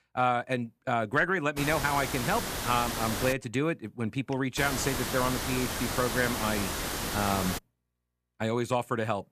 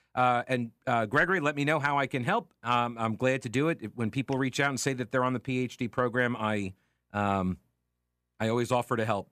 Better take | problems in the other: second | hiss; loud; from 1.5 to 3.5 s and from 4.5 to 7.5 s; 3 dB below the speech

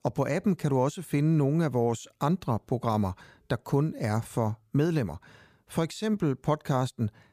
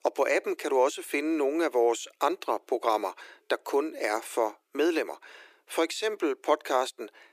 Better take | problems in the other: first | thin; very; fading below 350 Hz

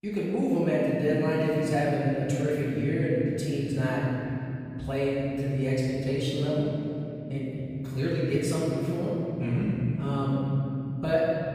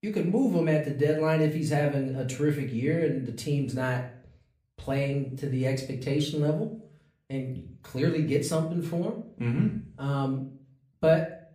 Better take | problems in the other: second | room echo; strong; dies away in 3 s; slight in the second // off-mic speech; far; somewhat distant in the second

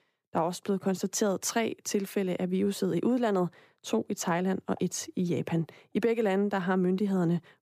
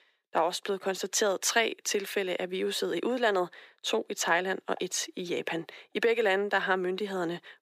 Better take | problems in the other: first | thin; somewhat; fading below 450 Hz

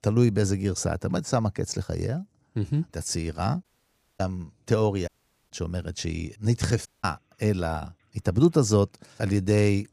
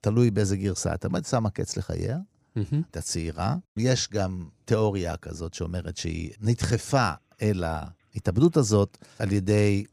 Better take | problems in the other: second | audio cutting out; at 3.5 s for 0.5 s, at 5 s and at 7 s

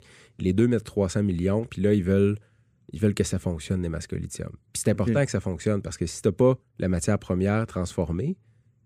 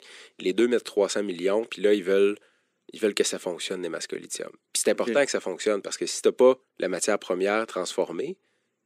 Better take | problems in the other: first | thin; somewhat; fading below 300 Hz

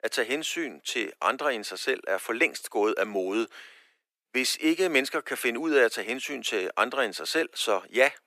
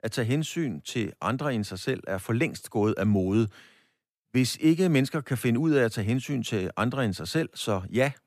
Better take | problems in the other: second | thin; very; fading below 350 Hz

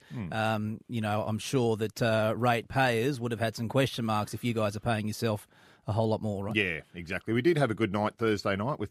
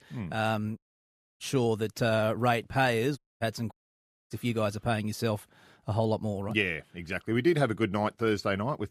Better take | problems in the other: first | audio cutting out; at 1 s for 0.5 s, at 3 s and at 3.5 s for 0.5 s

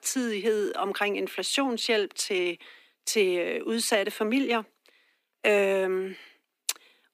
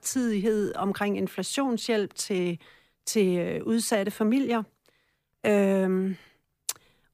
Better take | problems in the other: second | thin; very slightly; fading below 250 Hz

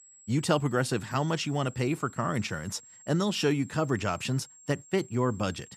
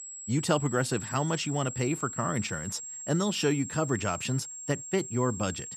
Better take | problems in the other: first | high-pitched whine; loud; throughout; 7.5 kHz, 8 dB below the speech; faint in the first

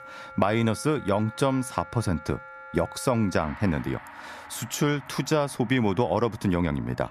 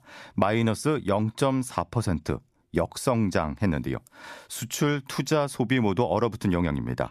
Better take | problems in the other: second | background music; noticeable; throughout; 15 dB below the speech

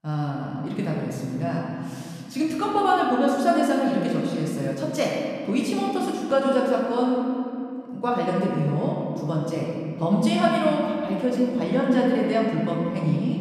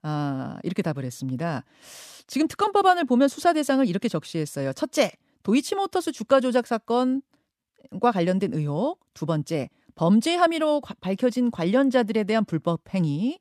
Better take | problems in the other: second | room echo; noticeable; dies away in 2.4 s // off-mic speech; far

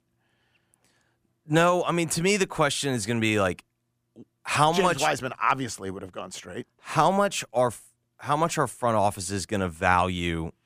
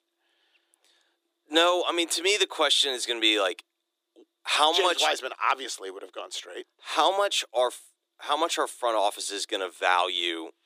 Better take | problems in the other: first | thin; very; fading below 300 Hz

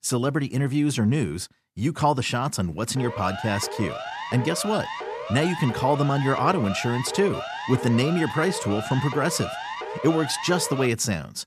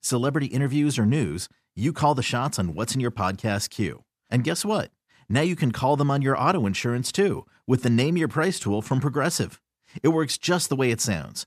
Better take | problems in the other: second | siren; noticeable; from 3 to 11 s; peak 7 dB below the speech

